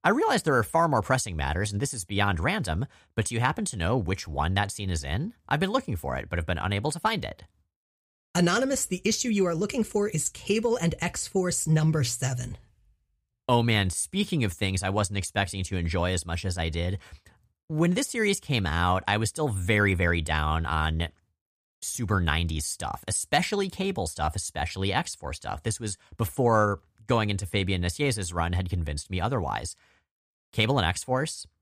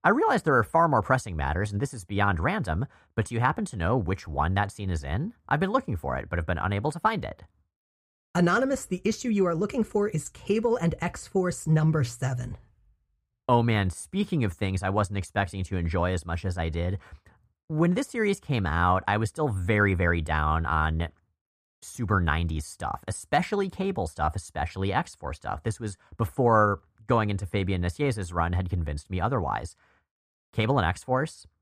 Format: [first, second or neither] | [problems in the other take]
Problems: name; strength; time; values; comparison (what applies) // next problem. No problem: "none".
first | muffled; slightly; fading above 2 kHz